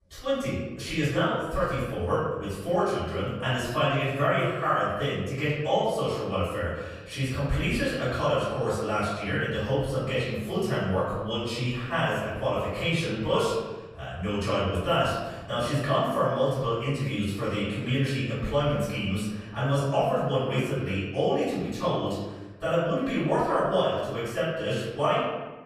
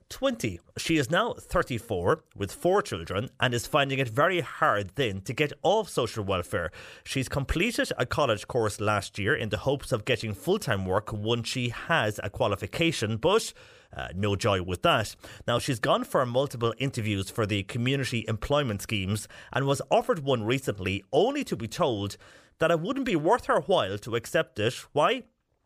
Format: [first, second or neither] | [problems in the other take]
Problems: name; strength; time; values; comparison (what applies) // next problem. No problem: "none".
second | off-mic speech; far // room echo; strong; dies away in 1.2 s